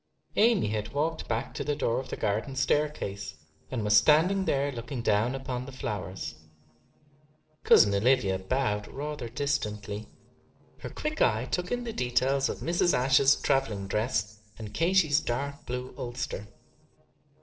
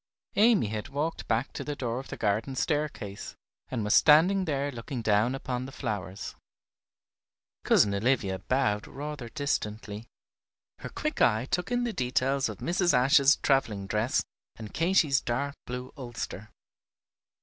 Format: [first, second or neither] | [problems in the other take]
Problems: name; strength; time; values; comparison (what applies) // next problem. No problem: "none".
second | noise reduction (neural separator model SepFormer DNS4)